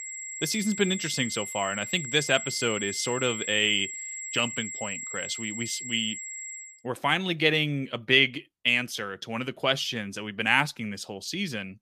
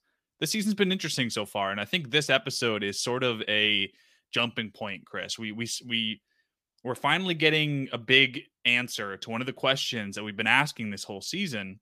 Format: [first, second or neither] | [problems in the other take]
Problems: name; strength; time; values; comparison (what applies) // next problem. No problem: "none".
second | high-pitched whine; loud; until 6.5 s; 7.5 kHz, 7 dB below the speech